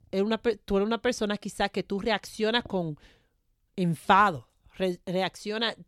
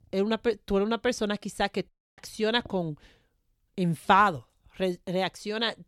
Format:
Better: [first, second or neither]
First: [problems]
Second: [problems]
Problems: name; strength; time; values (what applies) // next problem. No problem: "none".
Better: first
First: none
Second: audio cutting out; at 2 s